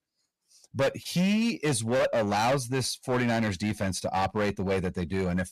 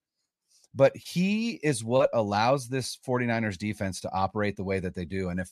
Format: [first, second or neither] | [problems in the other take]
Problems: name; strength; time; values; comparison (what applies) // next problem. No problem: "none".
second | distortion; heavy; 14% of the sound clipped